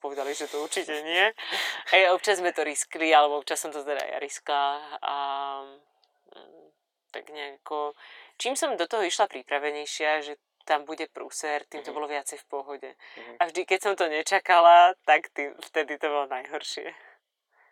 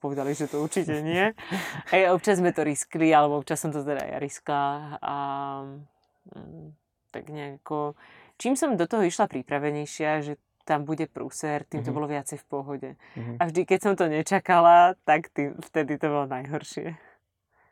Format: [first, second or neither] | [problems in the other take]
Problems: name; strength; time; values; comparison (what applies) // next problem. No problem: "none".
second | thin; very; fading below 400 Hz